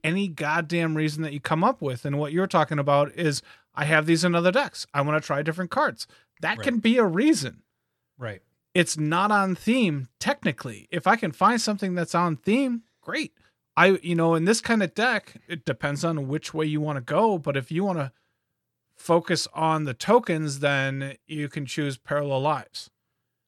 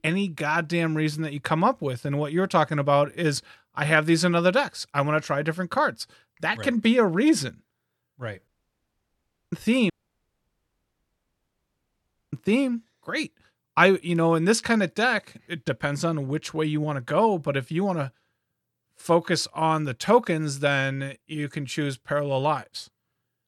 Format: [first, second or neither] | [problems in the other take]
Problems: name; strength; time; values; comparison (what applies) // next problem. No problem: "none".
first | audio cutting out; at 8.5 s for 1 s and at 10 s for 2.5 s